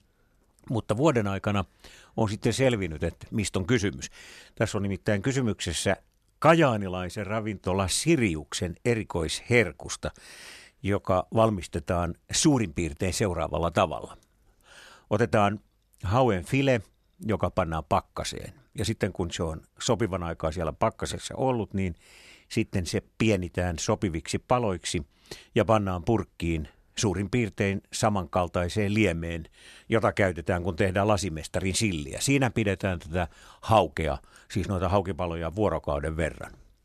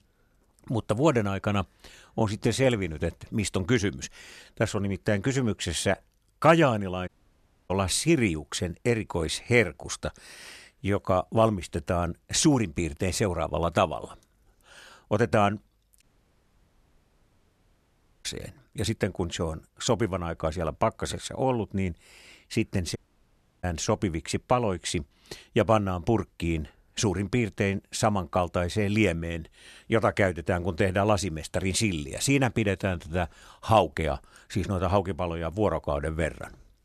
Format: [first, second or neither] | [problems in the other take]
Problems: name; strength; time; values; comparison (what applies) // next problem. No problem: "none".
first | audio cutting out; at 7 s for 0.5 s, at 16 s for 2 s and at 23 s for 0.5 s